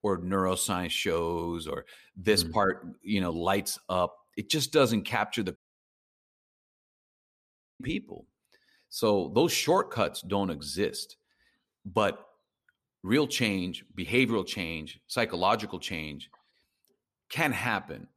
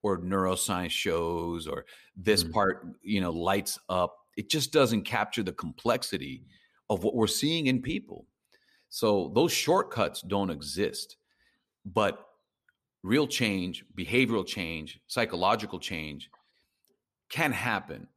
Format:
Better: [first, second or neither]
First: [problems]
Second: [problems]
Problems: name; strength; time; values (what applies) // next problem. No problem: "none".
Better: second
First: audio cutting out; at 5.5 s for 2 s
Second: none